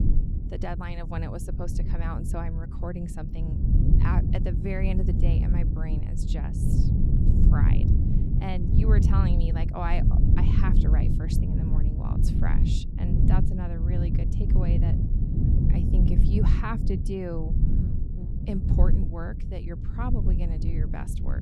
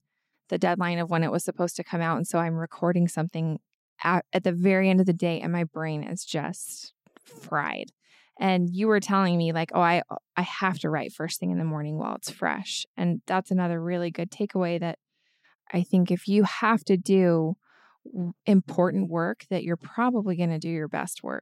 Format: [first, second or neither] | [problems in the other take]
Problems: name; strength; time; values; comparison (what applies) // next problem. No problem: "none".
second | low rumble; loud; throughout; 1 dB below the speech